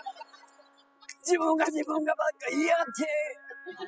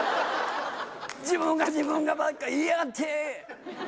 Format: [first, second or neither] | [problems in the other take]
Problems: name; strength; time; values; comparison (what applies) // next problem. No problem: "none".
second | noise reduction (classical method spectral subtraction)